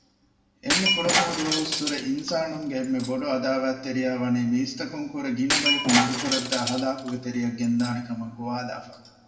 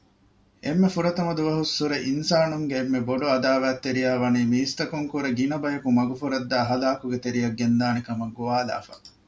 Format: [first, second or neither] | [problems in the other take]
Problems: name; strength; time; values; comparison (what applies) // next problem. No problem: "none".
second | background sound (Shatter); 3 dB below the speech // room echo; dies away in 1.4 s